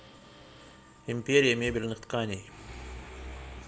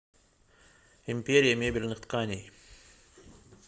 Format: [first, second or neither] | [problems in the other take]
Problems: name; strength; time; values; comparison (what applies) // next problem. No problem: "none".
second | background sound (Mechanisms); 15 dB below the speech